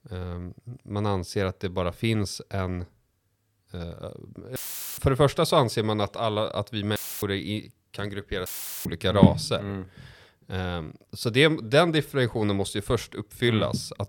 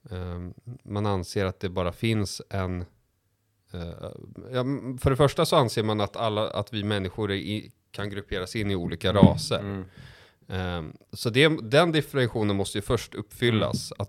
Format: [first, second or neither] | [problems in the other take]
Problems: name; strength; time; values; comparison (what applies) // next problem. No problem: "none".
second | audio cutting out; filled with static; at 4.5 s, at 7 s and at 8.5 s